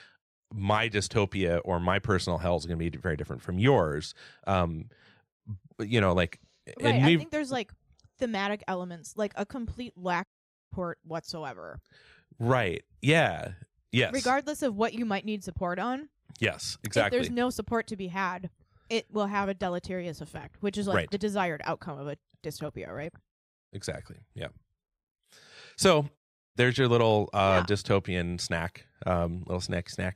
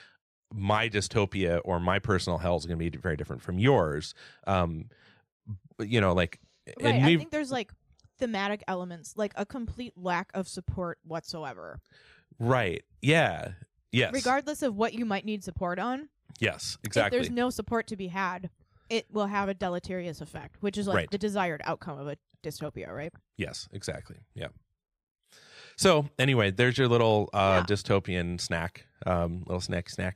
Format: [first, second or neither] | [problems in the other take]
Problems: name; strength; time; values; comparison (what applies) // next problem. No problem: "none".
second | audio cutting out; at 10 s, at 23 s and at 26 s